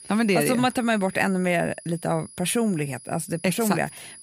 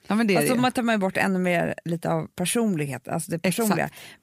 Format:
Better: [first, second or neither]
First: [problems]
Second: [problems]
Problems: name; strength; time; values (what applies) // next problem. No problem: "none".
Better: second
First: high-pitched whine; noticeable; throughout; 10.5 kHz, 20 dB below the speech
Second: none